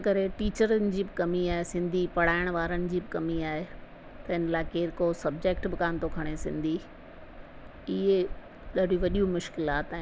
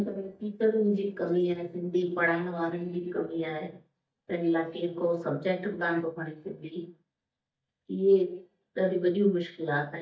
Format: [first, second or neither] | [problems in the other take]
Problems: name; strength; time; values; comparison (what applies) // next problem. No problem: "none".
first | noise reduction (neural mask model DeepFilterNet 3)